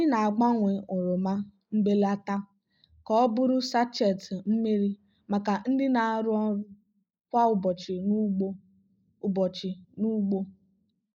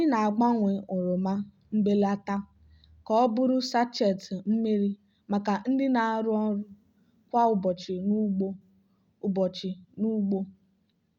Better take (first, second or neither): second